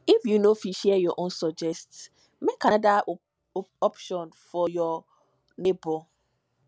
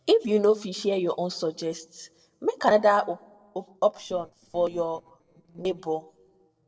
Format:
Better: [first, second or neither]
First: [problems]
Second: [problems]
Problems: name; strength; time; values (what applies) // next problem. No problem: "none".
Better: first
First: none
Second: noise reduction (neural separator model SepFormer DNS4)